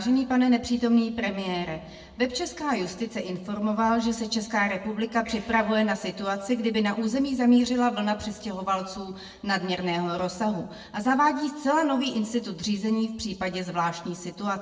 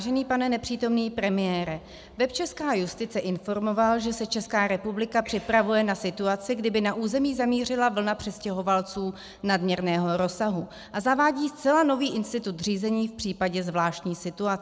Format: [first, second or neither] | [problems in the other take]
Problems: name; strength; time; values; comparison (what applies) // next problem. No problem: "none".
second | room echo; dies away in 0.7 s